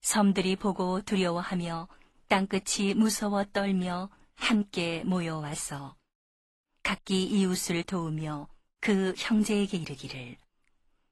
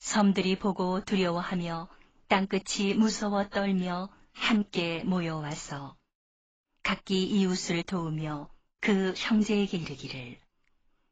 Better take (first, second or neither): first